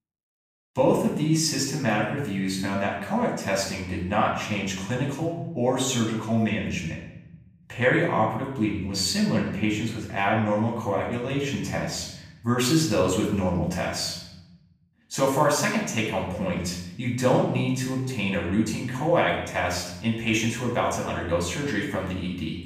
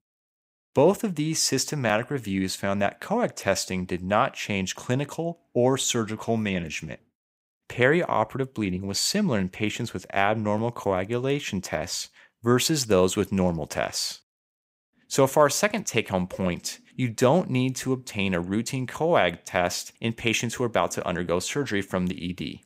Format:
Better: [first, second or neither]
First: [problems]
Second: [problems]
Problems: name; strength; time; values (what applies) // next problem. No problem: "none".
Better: second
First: off-mic speech; far // room echo; noticeable; dies away in 0.8 s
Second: none